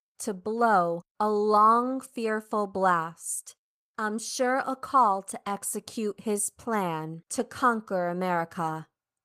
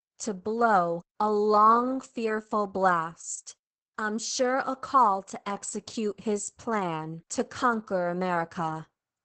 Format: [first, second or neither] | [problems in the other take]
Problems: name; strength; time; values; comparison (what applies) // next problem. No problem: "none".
first | garbled, watery; badly; nothing above 8 kHz; slightly in the first